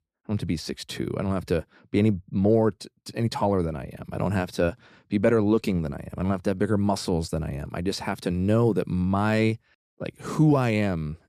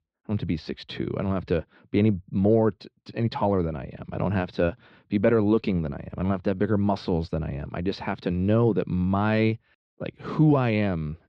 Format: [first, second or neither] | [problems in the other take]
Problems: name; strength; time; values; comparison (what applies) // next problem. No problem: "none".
first | muffled; very slightly; fading above 3.5 kHz